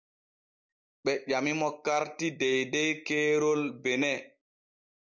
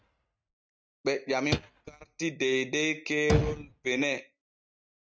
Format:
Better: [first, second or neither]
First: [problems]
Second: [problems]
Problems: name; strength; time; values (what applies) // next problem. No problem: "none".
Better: first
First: none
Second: noise reduction (neural mask model RNNoise)